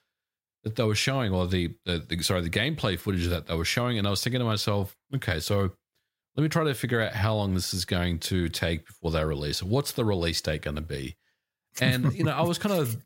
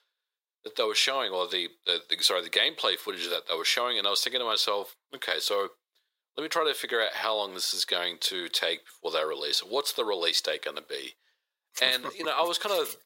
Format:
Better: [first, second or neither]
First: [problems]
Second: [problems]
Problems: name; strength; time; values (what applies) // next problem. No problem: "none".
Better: first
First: none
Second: thin; very; fading below 450 Hz